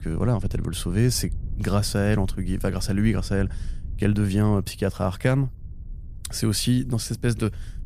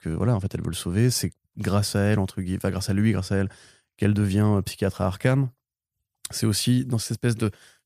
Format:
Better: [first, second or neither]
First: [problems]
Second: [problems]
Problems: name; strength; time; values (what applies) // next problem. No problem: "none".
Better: second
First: low rumble; faint; throughout; 25 dB below the speech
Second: none